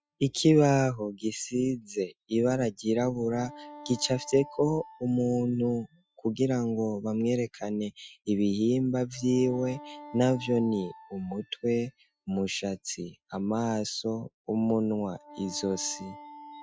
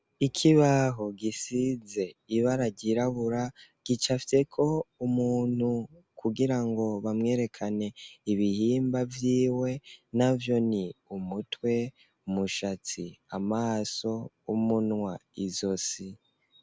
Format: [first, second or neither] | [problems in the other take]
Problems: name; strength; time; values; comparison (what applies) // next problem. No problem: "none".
second | noise reduction (classical method Wiener filter)